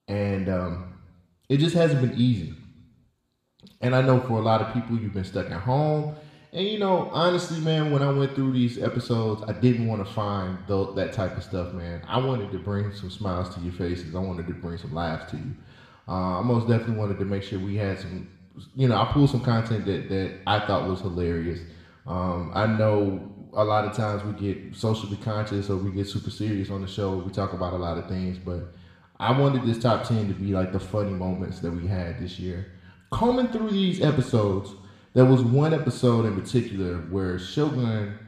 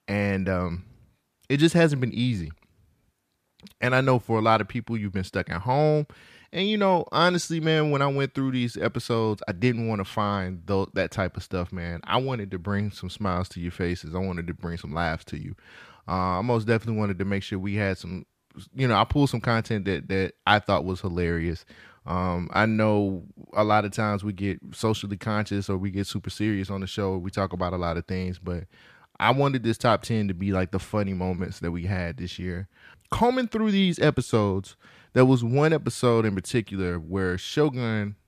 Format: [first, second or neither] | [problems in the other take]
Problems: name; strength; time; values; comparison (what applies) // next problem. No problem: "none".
second | room echo; slight; dies away in 1 s // off-mic speech; somewhat distant